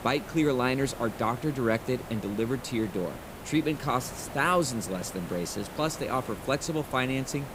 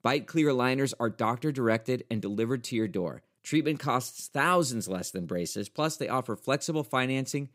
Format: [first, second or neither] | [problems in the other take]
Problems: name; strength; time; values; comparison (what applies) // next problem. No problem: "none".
second | hiss; noticeable; throughout; 10 dB below the speech